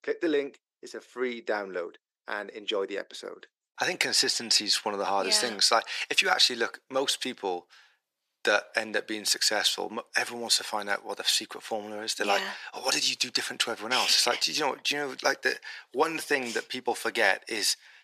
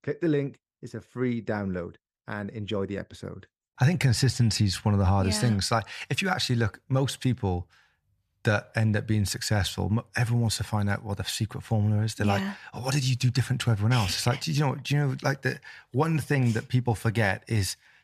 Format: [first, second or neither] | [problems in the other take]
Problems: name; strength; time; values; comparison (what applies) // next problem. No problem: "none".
second | thin; very; fading below 350 Hz